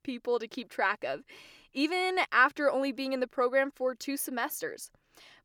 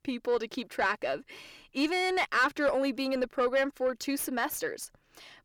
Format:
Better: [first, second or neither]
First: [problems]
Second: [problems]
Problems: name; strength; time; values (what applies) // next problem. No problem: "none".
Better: first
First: none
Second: distortion; slight; 10 dB below the speech